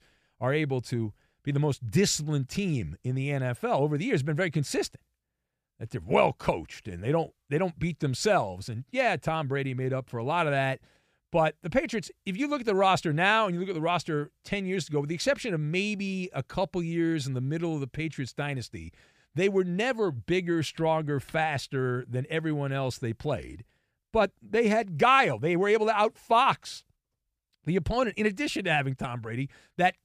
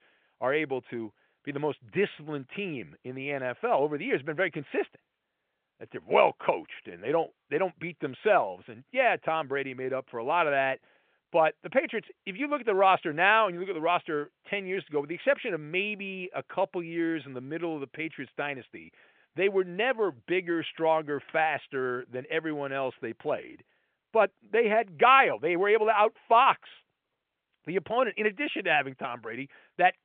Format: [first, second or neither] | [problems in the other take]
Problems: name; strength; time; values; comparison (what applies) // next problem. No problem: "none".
first | phone-call audio